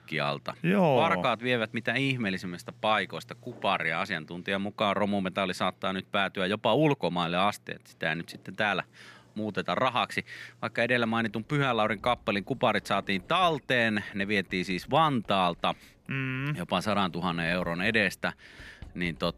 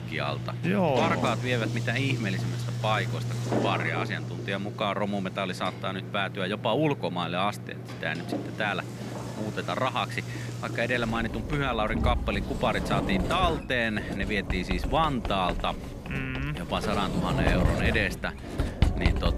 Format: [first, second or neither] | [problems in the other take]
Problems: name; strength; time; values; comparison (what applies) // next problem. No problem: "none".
first | household noises; loud; throughout; 3 dB below the speech; faint in the first